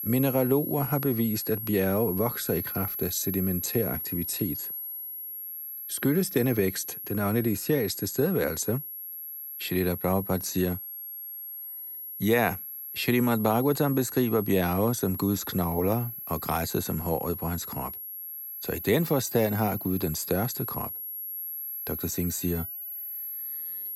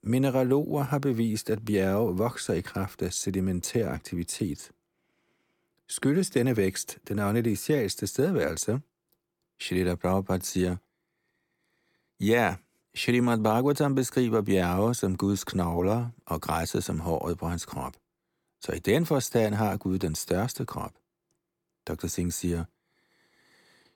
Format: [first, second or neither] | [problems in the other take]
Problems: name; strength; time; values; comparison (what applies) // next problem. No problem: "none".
second | high-pitched whine; loud; throughout; 11.5 kHz, 6 dB below the speech